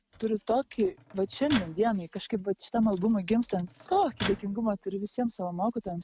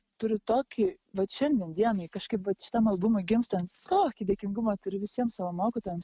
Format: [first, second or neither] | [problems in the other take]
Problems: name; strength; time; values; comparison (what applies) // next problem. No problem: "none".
second | background sound (Microwave oven); 14 dB below the speech